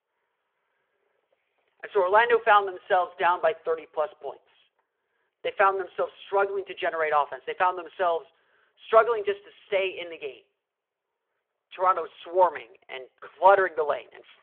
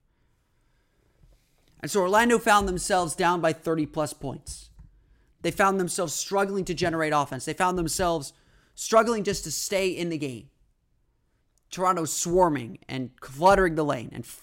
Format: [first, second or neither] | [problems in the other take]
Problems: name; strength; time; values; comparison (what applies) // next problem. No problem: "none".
second | phone-call audio